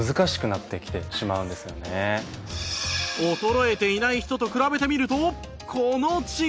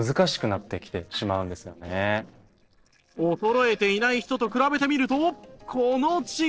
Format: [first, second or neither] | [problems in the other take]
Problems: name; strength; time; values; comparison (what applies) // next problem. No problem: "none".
first | noise reduction (neural separator model SepFormer DNS4)